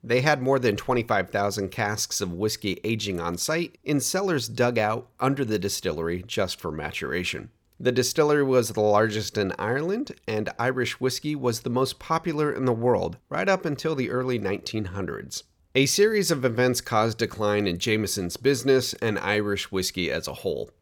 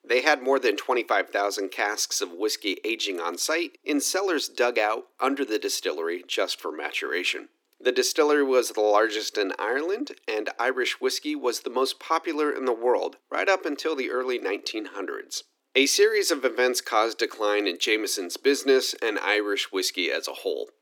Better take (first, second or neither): first